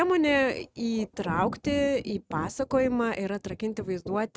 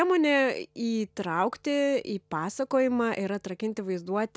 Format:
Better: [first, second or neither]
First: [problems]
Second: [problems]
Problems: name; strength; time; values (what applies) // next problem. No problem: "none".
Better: second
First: noise reduction (neural mask model RNNoise)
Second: none